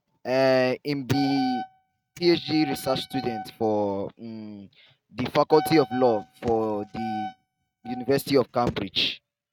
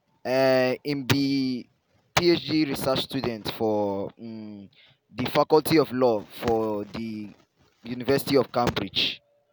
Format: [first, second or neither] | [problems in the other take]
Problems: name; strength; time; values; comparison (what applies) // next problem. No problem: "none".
second | noise reduction (neural mask model RNNoise)